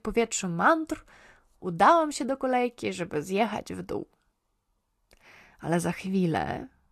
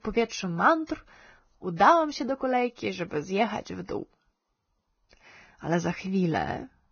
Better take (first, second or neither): first